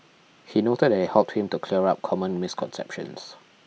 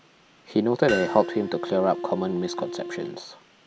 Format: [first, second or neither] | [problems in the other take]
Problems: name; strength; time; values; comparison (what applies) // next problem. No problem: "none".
first | background sound (Wind instrument, woodwind instrument + Hammer); 9 dB below the speech